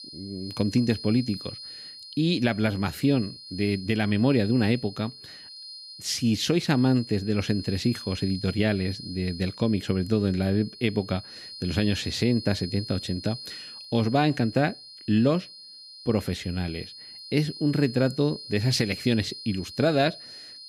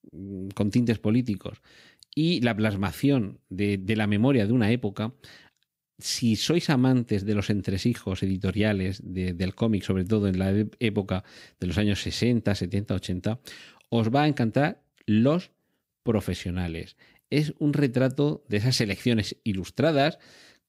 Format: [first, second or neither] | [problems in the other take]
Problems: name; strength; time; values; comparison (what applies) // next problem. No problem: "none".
second | high-pitched whine; noticeable; throughout; 4.5 kHz, 15 dB below the speech